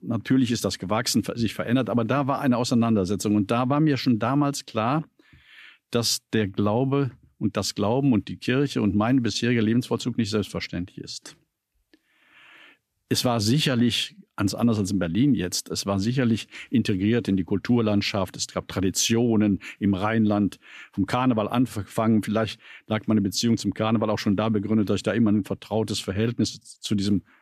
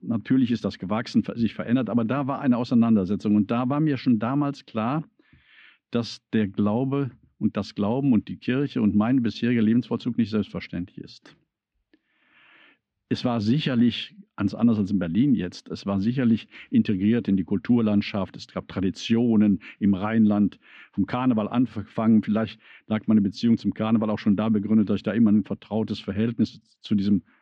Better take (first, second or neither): first